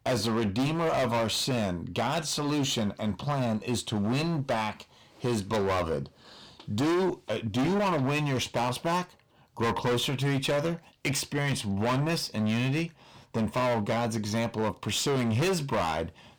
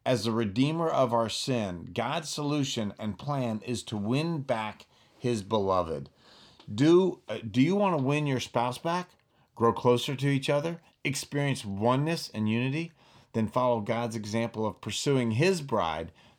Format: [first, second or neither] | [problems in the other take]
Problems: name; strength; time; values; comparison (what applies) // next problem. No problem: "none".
second | distortion; heavy; 22% of the sound clipped